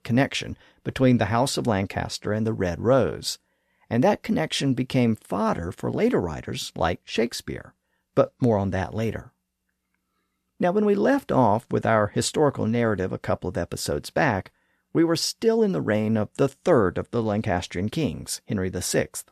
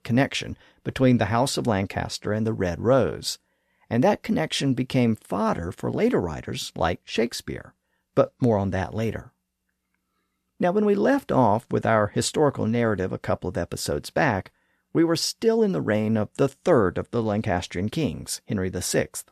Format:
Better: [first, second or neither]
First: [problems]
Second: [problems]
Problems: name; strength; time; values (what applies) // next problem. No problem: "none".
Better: neither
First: none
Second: none